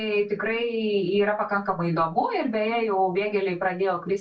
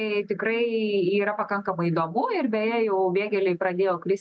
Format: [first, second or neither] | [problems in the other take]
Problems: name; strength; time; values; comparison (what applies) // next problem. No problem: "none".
second | room echo; dies away in 0.2 s